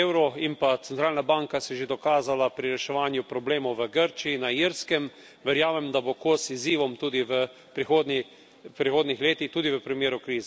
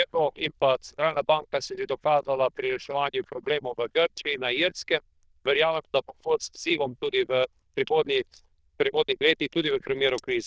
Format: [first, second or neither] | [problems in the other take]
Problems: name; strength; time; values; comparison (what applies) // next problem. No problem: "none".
first | noise reduction (neural diffusion model UNIVERSE++)